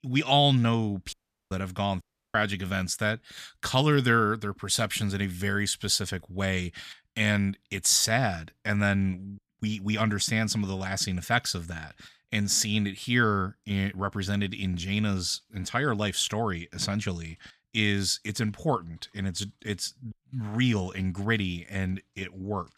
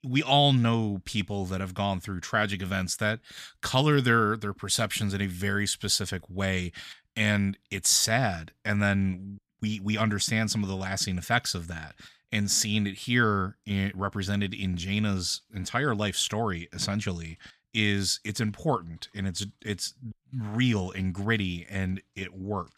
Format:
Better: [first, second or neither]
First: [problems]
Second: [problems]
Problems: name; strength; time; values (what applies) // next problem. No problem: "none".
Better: second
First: audio cutting out; at 1 s and at 2 s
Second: none